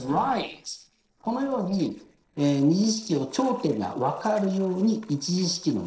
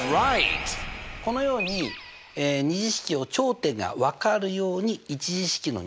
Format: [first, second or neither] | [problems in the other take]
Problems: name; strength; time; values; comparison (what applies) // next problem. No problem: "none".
second | noise reduction (neural separator model SepFormer DNS4)